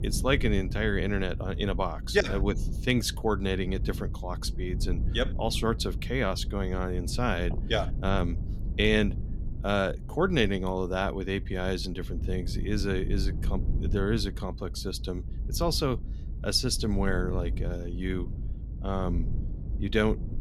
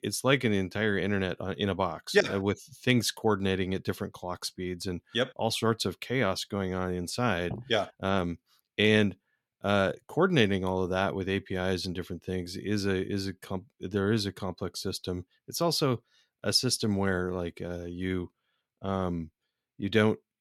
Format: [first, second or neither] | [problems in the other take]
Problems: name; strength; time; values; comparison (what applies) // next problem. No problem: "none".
second | low rumble; noticeable; throughout; 15 dB below the speech